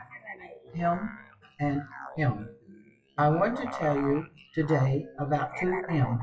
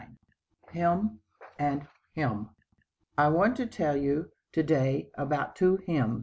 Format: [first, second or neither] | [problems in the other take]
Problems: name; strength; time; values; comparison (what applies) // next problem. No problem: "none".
second | noise reduction (classical method WPE with log-MMSE)